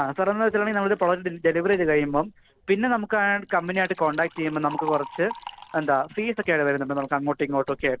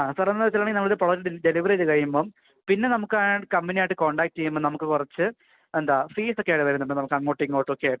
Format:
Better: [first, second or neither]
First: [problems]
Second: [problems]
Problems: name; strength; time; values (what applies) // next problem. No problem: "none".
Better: second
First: background sound (Liquid); 18 dB below the speech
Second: none